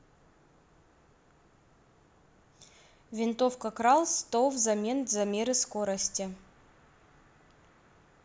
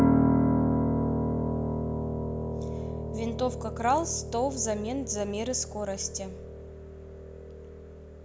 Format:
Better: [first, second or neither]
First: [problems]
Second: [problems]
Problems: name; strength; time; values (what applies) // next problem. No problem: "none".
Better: first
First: none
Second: background sound (Piano); 5 dB above the speech